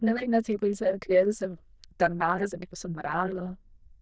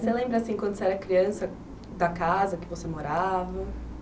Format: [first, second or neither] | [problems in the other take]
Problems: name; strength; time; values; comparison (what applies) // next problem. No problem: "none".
second | noise reduction (neural diffusion model UNIVERSE++)